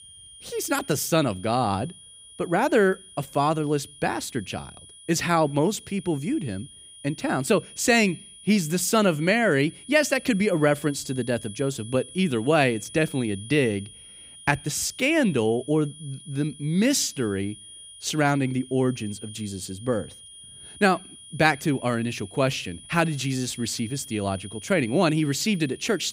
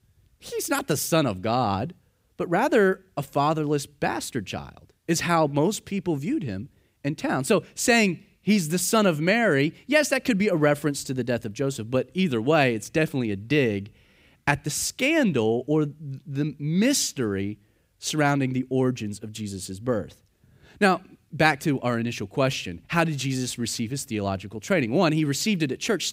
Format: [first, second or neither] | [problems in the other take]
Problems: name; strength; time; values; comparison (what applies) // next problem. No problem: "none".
second | high-pitched whine; noticeable; throughout; 9.5 kHz, 20 dB below the speech